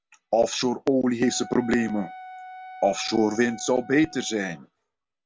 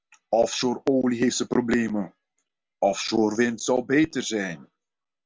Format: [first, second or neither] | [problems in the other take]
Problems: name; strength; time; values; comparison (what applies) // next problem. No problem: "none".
second | background sound (Wind instrument, woodwind instrument); 17 dB below the speech